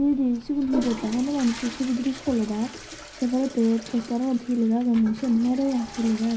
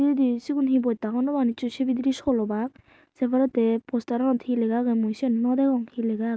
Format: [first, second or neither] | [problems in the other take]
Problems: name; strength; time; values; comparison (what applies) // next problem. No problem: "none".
second | background sound (Toilet flush / Water); 15 dB below the speech // room echo; dies away in 0.4 s